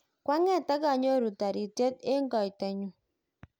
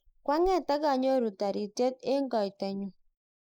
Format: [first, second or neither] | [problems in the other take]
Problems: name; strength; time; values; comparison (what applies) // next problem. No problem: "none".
first | noise reduction (neural mask model Resemble Enhance denoiser)